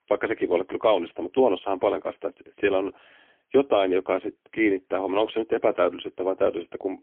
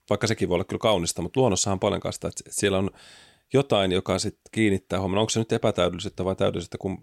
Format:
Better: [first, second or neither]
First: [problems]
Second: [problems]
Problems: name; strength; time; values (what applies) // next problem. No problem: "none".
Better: second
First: phone-call audio; poor line; nothing above 3.5 kHz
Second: none